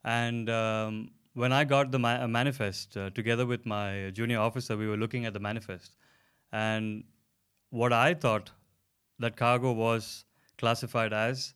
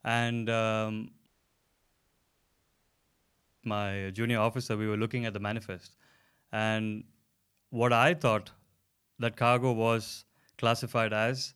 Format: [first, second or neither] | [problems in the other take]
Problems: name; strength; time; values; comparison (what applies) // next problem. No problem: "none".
first | audio cutting out; at 1.5 s for 2.5 s